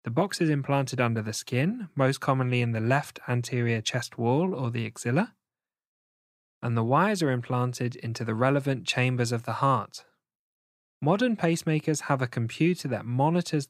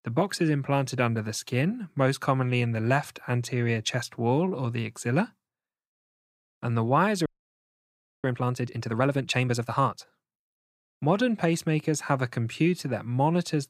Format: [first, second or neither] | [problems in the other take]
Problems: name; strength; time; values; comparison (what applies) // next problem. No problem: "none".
first | audio freezing; at 7.5 s for 1 s